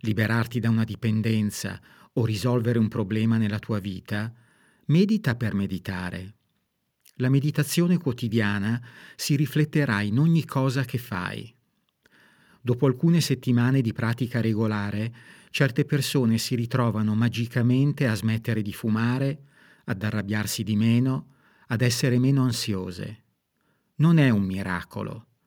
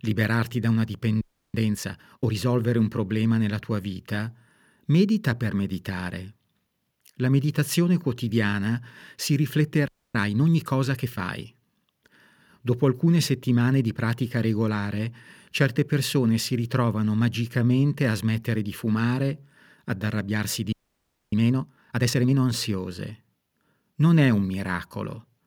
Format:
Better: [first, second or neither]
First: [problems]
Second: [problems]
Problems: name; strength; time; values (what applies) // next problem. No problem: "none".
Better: first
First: none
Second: audio freezing; at 1 s, at 10 s and at 21 s for 0.5 s